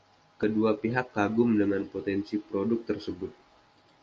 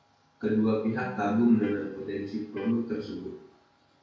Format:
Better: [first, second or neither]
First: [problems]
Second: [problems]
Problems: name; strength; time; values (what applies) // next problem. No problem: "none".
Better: first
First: none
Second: background sound (Electric guitar); 15 dB below the speech // room echo; dies away in 0.5 s